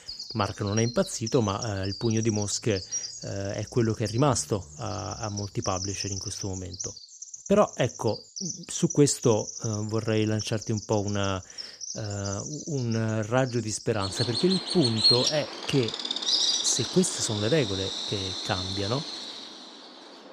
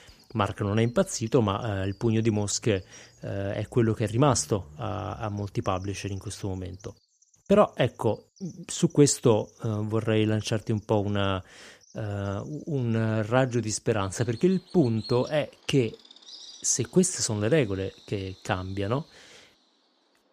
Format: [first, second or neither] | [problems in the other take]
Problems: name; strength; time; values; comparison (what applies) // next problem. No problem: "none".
second | animal sounds; loud; throughout; 3 dB below the speech; faint in the second